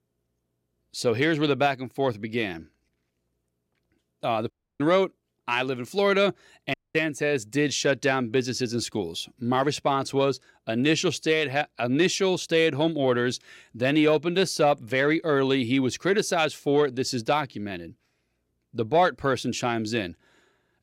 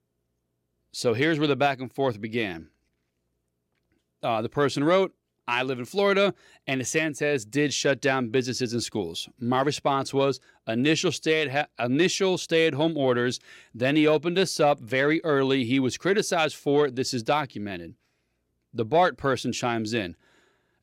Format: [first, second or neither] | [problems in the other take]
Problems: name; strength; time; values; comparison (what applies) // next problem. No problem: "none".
second | audio cutting out; at 4.5 s and at 6.5 s